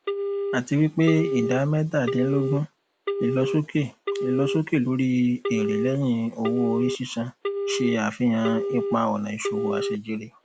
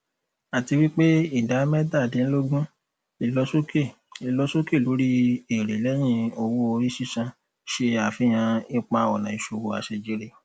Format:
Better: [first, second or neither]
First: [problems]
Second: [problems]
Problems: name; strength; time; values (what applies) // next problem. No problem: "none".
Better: second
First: background sound (Telephone); 5 dB below the speech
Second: none